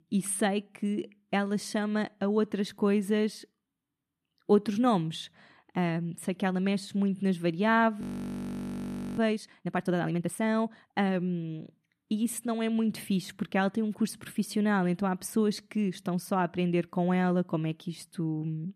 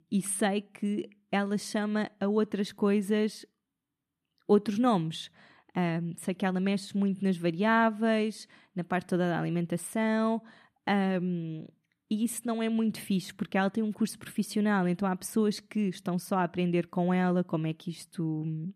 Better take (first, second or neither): second